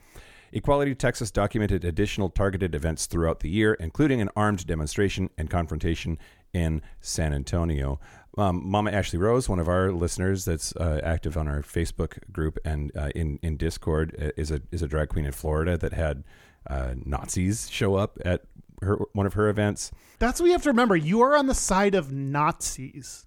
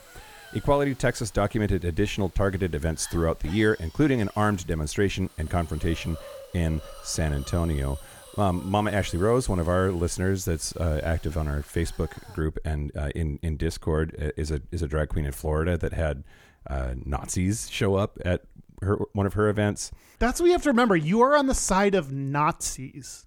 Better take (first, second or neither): first